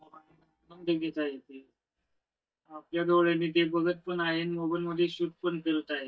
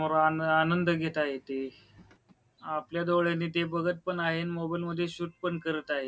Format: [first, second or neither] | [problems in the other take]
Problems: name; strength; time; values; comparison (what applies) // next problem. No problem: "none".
second | noise reduction (neural mask model DeepFilterNet 3)